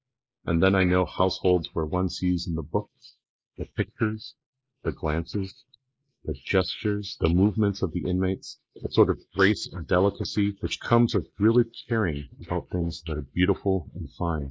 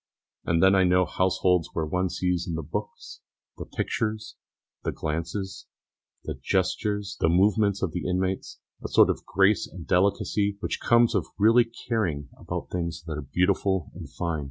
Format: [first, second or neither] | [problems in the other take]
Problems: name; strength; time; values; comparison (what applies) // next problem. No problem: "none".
second | noise reduction (neural mask model Resemble Enhance denoiser)